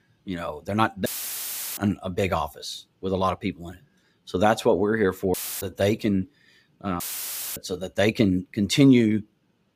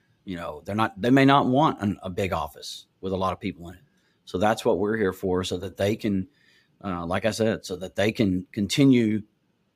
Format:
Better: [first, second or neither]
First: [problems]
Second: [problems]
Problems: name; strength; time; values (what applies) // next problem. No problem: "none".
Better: second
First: audio cutting out; filled with static; at 1 s for 0.5 s, at 5.5 s and at 7 s for 0.5 s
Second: none